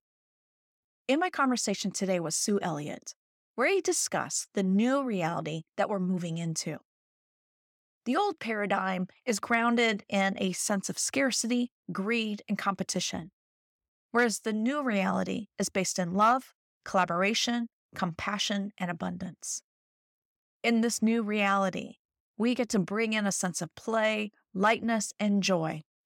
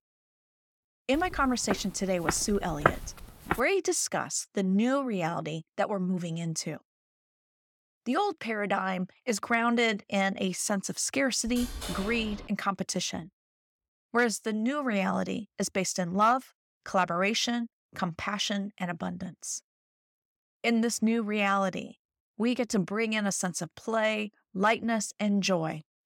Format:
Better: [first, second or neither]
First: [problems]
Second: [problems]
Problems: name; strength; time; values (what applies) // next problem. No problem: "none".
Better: first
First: none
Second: footsteps; loud; from 1.5 to 3.5 s; peak 1 dB above the speech // door banging; noticeable; from 11 to 12 s; peak 8 dB below the speech